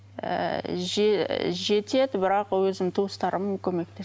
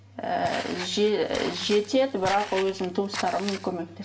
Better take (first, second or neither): first